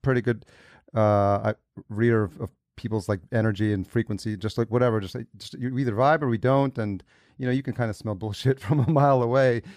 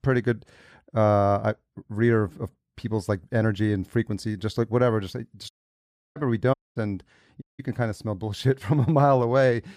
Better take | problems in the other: first | audio cutting out; at 5.5 s for 0.5 s, at 6.5 s and at 7.5 s

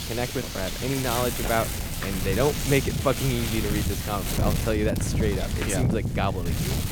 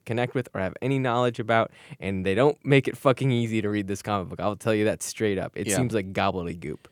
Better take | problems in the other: second | wind noise on the microphone; heavy; 4 dB below the speech

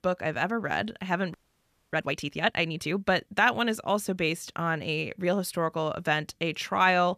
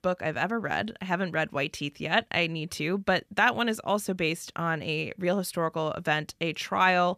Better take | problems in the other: second | audio freezing; at 1.5 s for 0.5 s

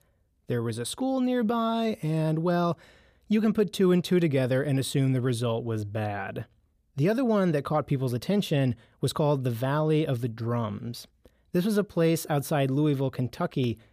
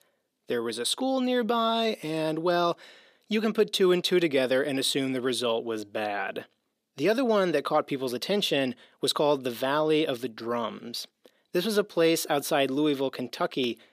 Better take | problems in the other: first | thin; somewhat; fading below 250 Hz

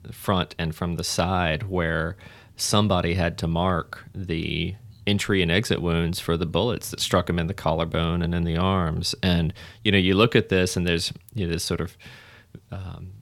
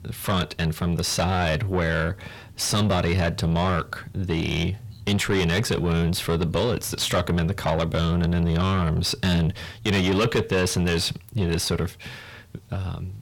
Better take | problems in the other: first | distortion; heavy; 6 dB below the speech

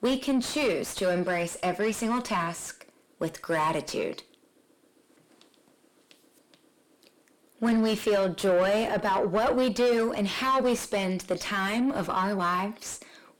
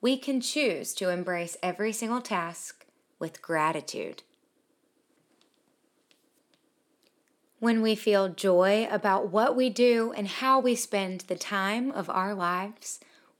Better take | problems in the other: second | distortion; heavy; 7 dB below the speech

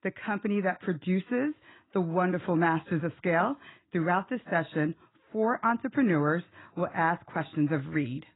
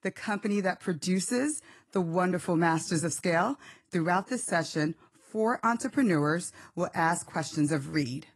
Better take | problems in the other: second | garbled, watery; badly; nothing above 4 kHz; slightly in the second

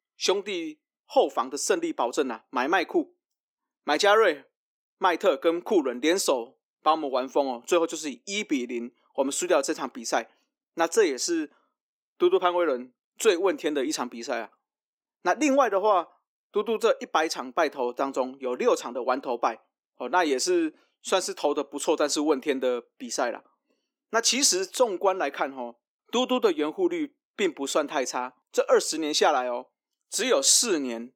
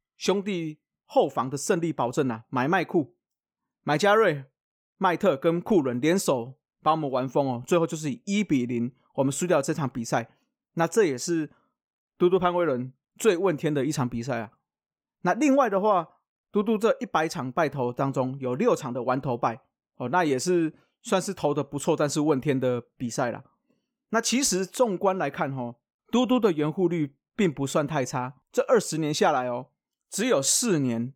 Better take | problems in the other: second | thin; very slightly; fading below 300 Hz

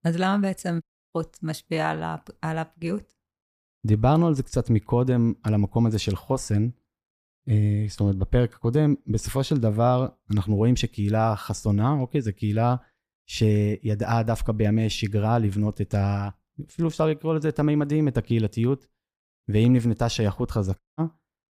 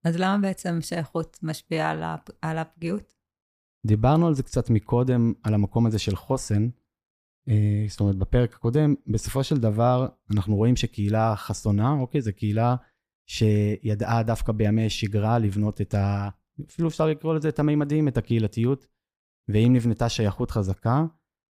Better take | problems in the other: second | audio cutting out; at 1 s and at 21 s

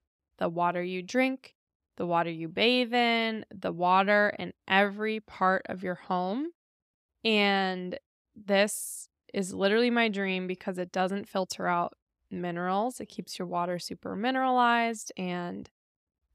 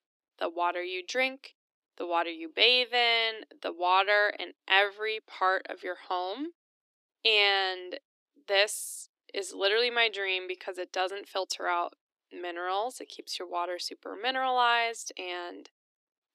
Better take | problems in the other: first | thin; very; fading below 300 Hz

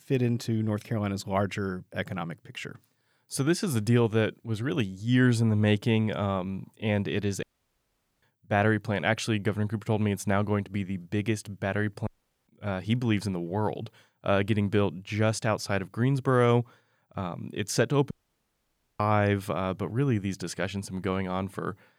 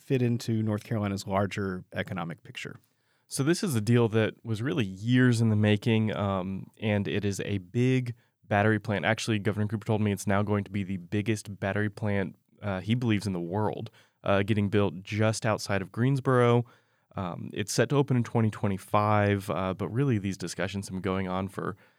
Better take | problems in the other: second | audio cutting out; at 7.5 s for 1 s, at 12 s and at 18 s for 1 s

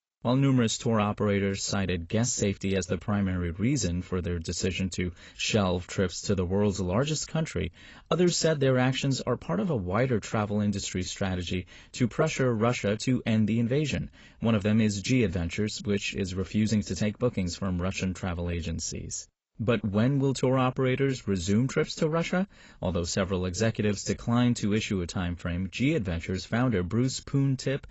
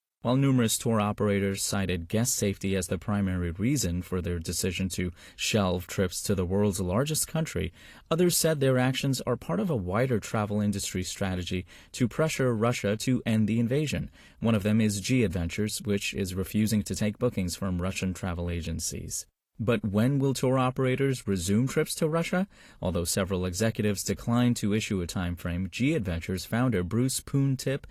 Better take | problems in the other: second | garbled, watery; badly; nothing above 7.5 kHz; slightly in the second

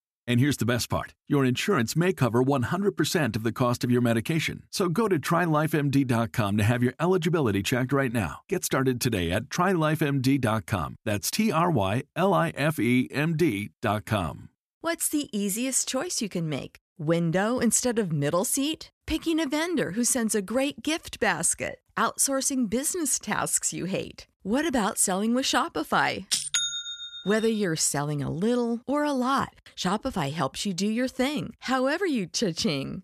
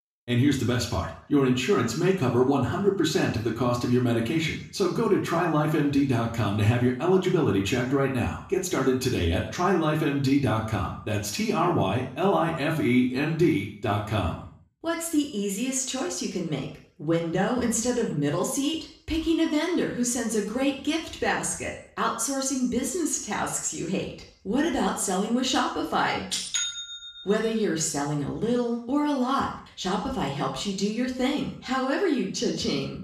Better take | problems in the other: first | room echo; noticeable; dies away in 0.6 s // off-mic speech; far

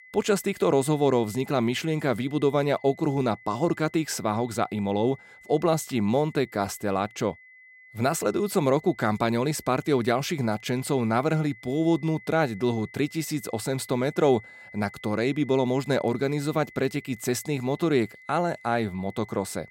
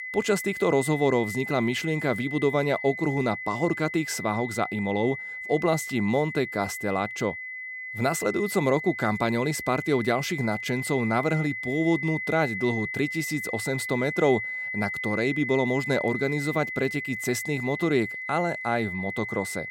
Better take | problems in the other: first | high-pitched whine; loud; throughout; 2 kHz, 6 dB below the speech; faint in the first

